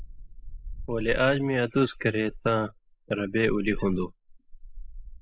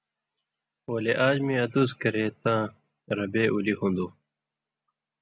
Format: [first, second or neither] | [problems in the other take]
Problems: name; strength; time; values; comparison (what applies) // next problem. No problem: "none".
second | noise reduction (neural mask model Resemble Enhance denoiser)